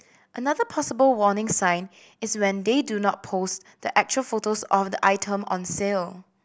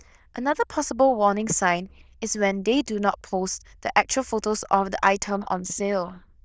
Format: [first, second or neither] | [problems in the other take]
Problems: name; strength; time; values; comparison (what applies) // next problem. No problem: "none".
first | noise reduction (neural diffusion model UNIVERSE++)